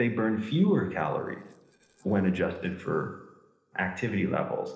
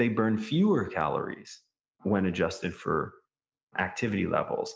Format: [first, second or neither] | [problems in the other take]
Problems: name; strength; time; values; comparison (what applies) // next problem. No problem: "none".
second | noise reduction (neural separator model SepFormer DNS4)